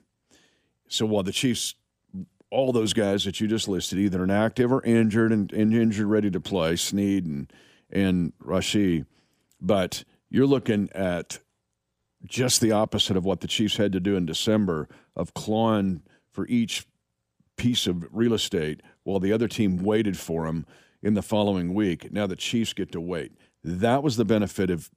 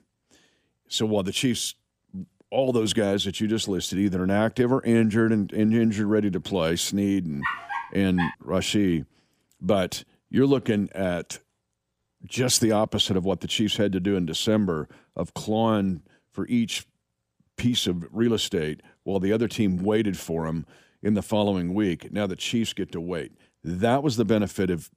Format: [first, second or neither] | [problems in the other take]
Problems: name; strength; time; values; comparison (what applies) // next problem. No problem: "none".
first | dog barking; noticeable; at 7.5 s; peak 4 dB below the speech